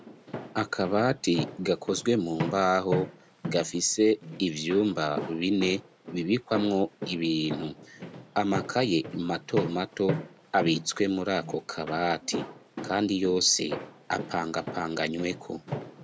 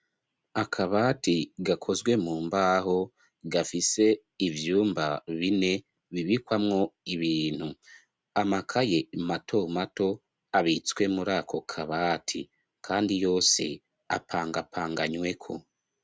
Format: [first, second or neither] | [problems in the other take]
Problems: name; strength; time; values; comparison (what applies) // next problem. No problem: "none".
second | background sound (Walk, footsteps); 10 dB below the speech